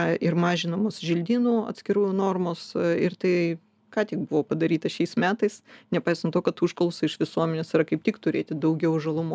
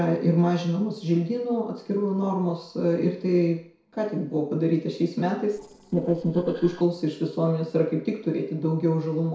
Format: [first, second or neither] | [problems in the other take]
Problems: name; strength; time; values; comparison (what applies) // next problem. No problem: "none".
first | noise reduction (neural separator model SepFormer DNS4)